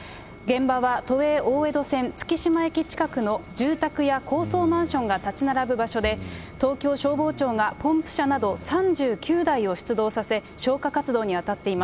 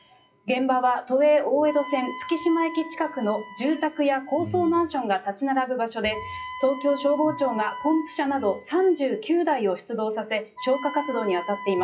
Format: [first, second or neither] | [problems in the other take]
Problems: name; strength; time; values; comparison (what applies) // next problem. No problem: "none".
first | noise reduction (classical method WPE with log-MMSE)